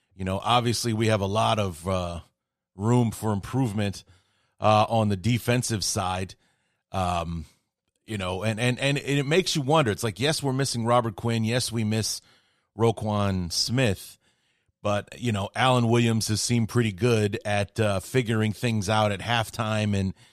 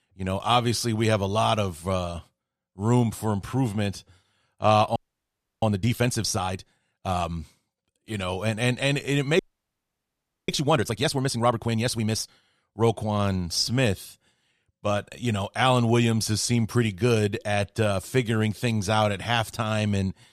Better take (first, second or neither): first